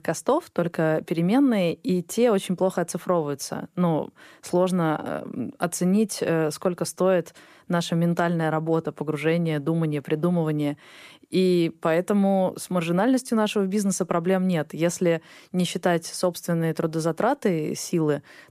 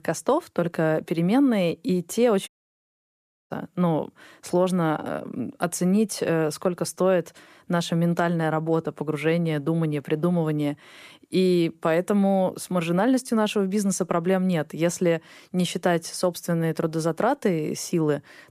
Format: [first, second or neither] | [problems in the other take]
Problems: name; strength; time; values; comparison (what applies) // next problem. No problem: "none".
first | audio cutting out; at 2.5 s for 1 s